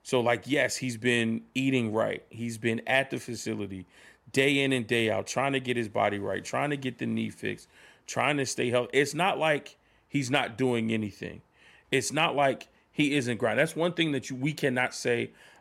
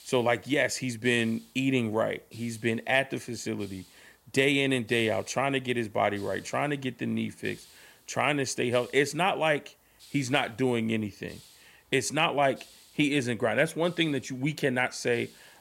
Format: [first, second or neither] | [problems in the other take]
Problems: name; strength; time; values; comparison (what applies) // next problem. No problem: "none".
first | hiss; faint; throughout; 25 dB below the speech